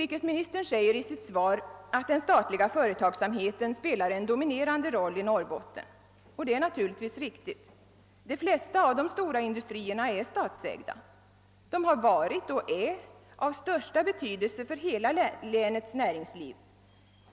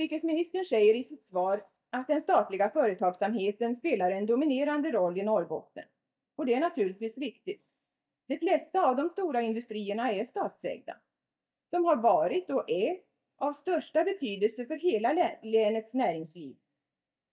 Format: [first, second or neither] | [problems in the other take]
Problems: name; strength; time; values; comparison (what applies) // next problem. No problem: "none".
first | noise reduction (neural mask model DeepFilterNet 3)